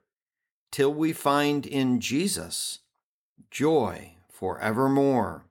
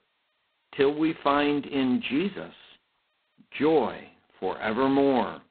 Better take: first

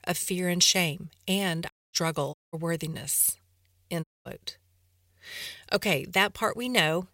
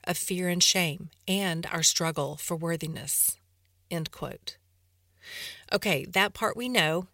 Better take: second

